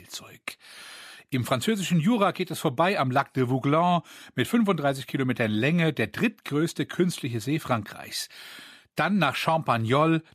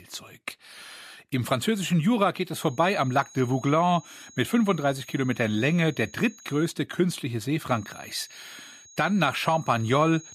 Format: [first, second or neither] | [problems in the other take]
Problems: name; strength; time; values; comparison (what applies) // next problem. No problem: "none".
first | high-pitched whine; faint; from 2.5 to 6.5 s and from 7.5 s on; 6.5 kHz, 20 dB below the speech